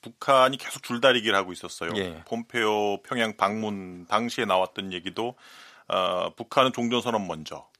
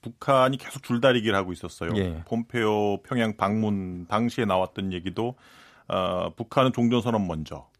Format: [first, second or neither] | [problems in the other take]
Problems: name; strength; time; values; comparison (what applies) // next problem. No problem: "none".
second | thin; very slightly; fading below 1 kHz